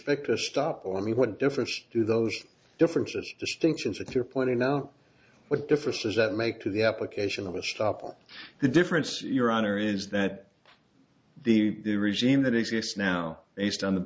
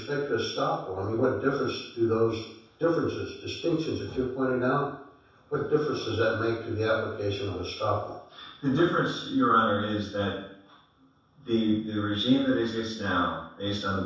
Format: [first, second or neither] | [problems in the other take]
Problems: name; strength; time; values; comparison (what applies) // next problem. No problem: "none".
first | room echo; dies away in 0.7 s